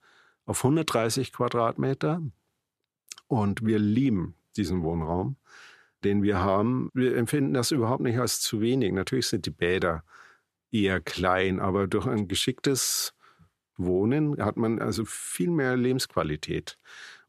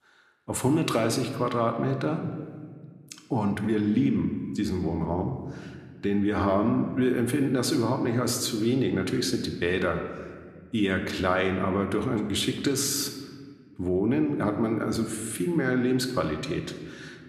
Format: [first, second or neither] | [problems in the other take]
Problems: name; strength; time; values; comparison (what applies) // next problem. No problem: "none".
first | room echo; slight; dies away in 1.4 s